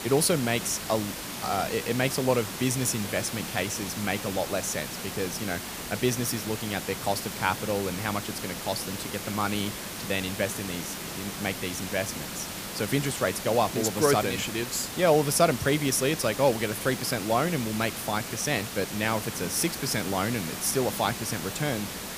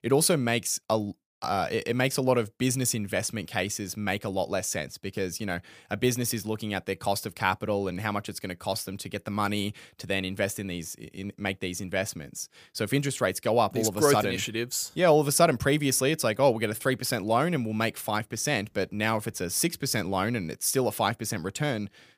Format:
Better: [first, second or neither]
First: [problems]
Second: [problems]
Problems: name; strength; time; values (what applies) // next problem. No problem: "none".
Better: second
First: hiss; loud; throughout; 6 dB below the speech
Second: none